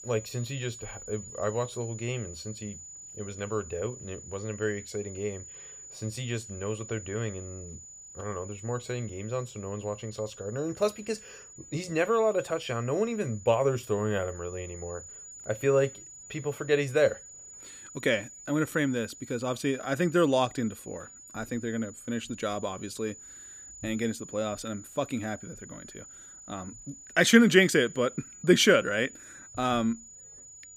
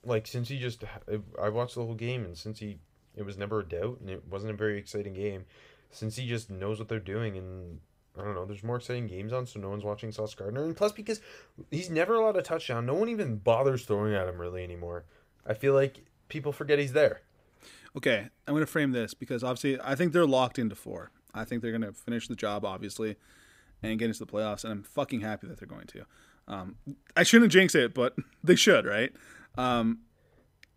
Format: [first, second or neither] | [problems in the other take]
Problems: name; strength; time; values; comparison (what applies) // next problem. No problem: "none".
second | high-pitched whine; noticeable; throughout; 7 kHz, 15 dB below the speech